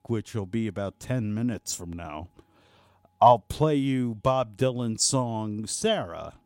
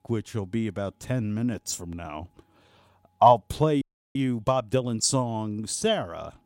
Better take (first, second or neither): first